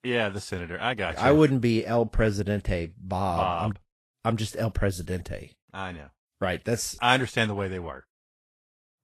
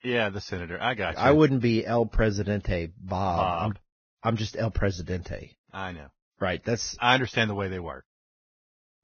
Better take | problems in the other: first | garbled, watery; badly; nothing above 6.5 kHz; slightly in the first

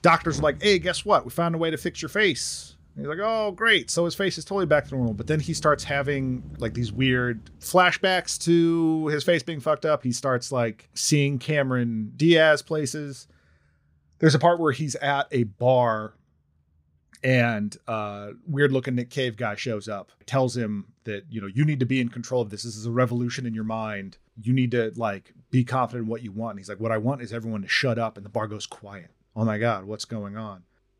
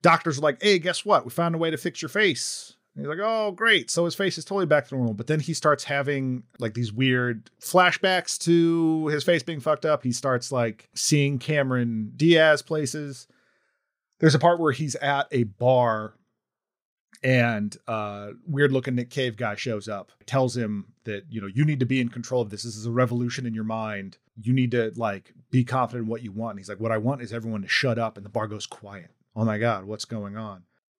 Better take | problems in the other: second | traffic noise; noticeable; throughout; 20 dB below the speech

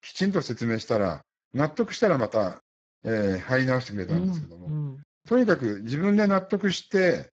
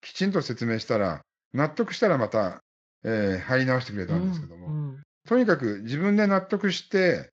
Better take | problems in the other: second | garbled, watery; badly; slightly in the second

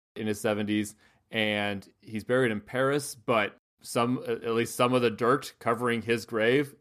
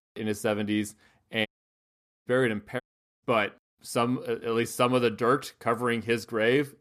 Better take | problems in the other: first | audio cutting out; at 1.5 s for 1 s and at 3 s

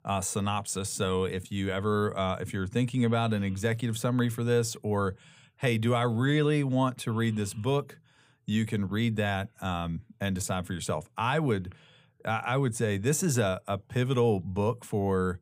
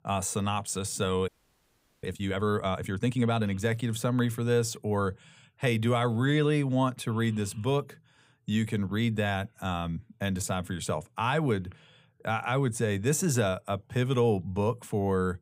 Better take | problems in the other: first | audio freezing; at 1.5 s for 0.5 s

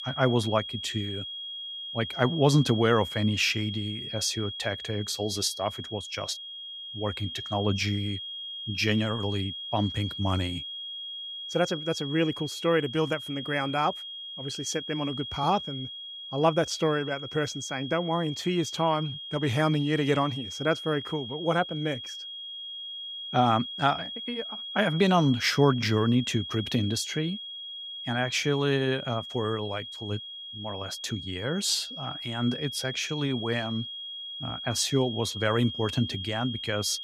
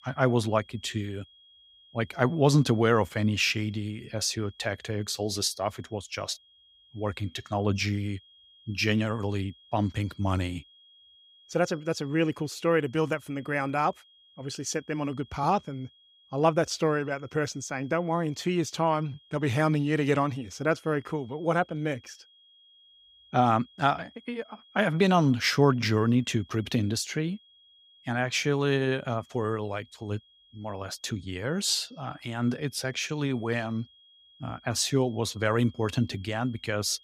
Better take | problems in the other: second | high-pitched whine; loud; throughout; 3.5 kHz, 8 dB below the speech; faint in the second

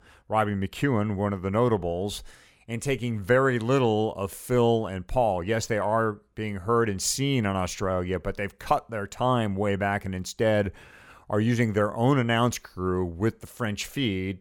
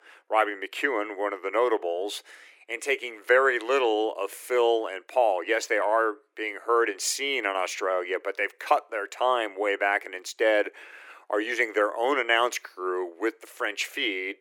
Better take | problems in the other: first | thin; very; fading below 300 Hz

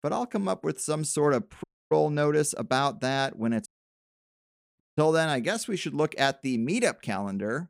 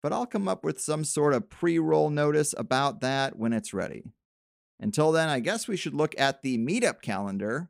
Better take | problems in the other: second | audio cutting out; at 1.5 s, at 3.5 s for 0.5 s and at 5 s

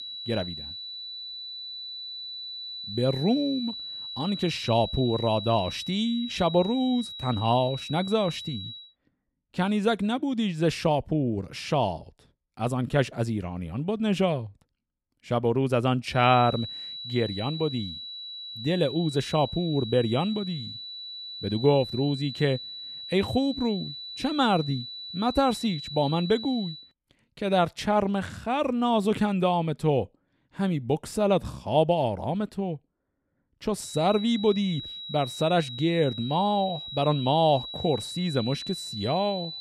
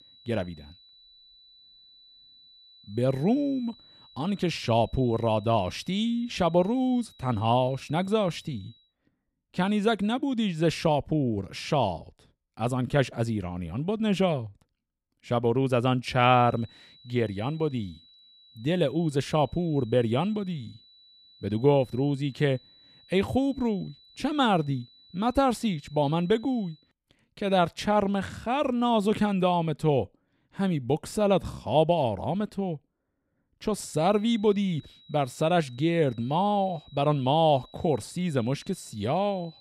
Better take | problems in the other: second | high-pitched whine; loud; until 9 s, from 16 to 27 s and from 34 s on; 4 kHz, 9 dB below the speech; faint in the second

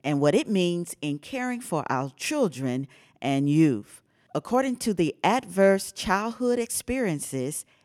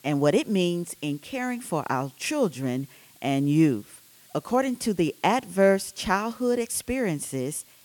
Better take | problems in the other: first | hiss; faint; throughout; 25 dB below the speech

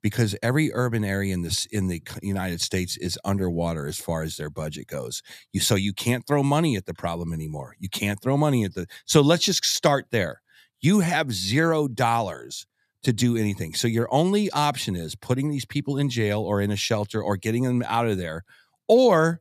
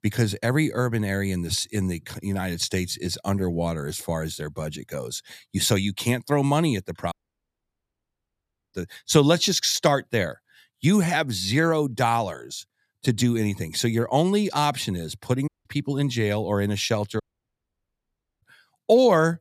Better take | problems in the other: first | audio cutting out; at 7 s for 1.5 s, at 15 s and at 17 s for 1 s

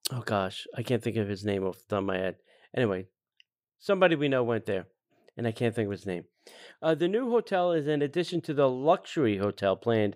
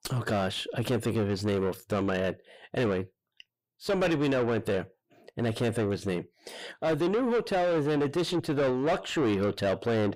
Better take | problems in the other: first | distortion; heavy; 6 dB below the speech

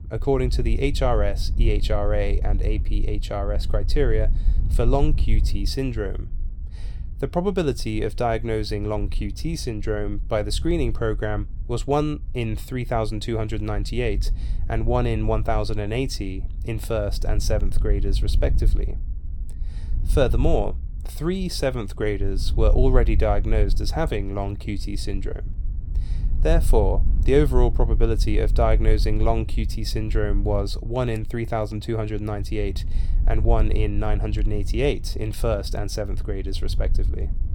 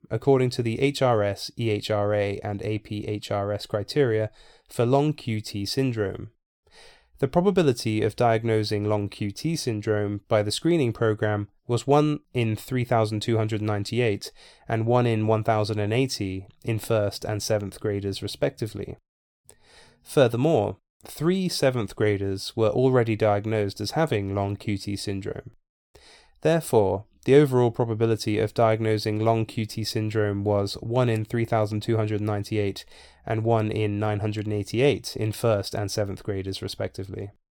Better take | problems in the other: second | wind noise on the microphone; occasional gusts; 20 dB below the speech

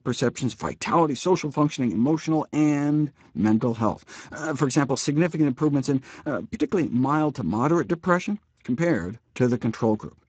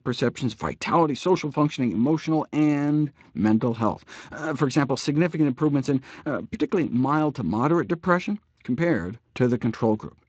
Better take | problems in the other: second | garbled, watery; badly; nothing above 8 kHz; slightly in the second

